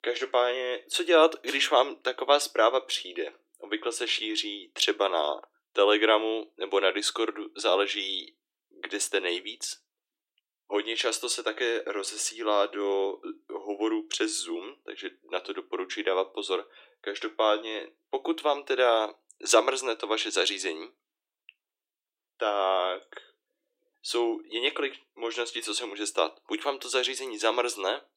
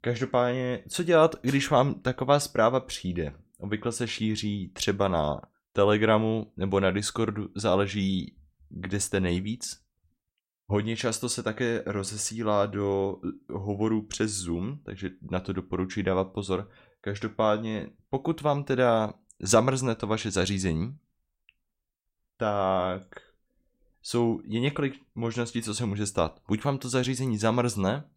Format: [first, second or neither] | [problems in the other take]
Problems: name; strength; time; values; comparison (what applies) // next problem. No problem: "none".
second | thin; very; fading below 300 Hz